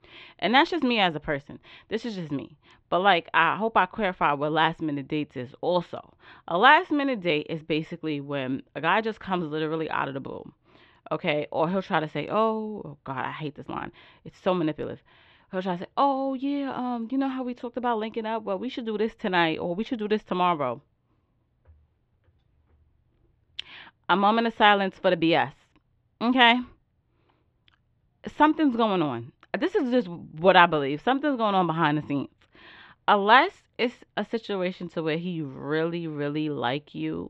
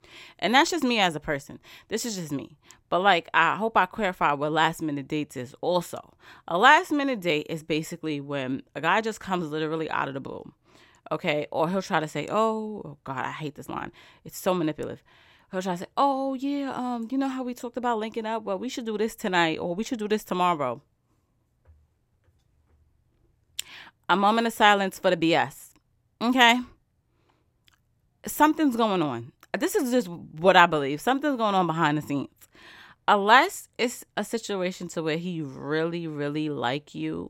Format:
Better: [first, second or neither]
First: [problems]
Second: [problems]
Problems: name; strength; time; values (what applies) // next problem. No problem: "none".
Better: second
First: muffled; slightly; fading above 3.5 kHz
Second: none